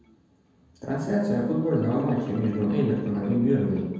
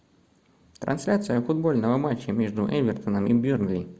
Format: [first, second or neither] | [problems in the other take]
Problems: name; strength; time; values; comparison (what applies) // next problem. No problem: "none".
second | background sound (Marimba, xylophone); 15 dB below the speech // room echo; dies away in 1.2 s